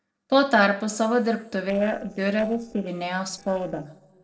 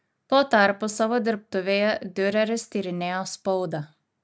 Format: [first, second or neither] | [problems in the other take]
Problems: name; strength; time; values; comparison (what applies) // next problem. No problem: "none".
second | noise reduction (neural separator model SepFormer DNS4)